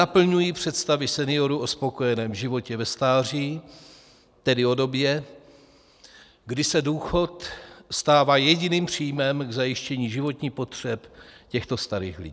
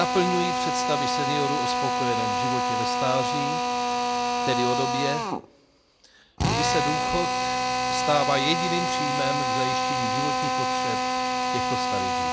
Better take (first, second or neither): first